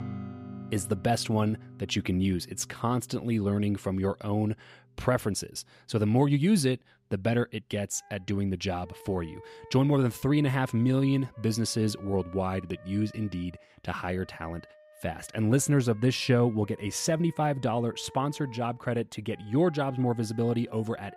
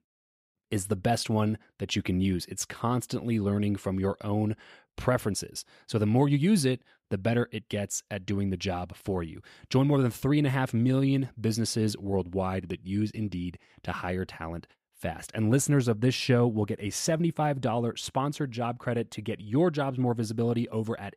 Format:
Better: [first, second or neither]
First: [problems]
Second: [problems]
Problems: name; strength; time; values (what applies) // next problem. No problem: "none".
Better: second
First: background music; faint; throughout; 20 dB below the speech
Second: none